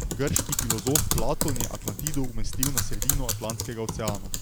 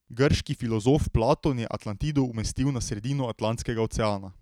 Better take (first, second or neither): second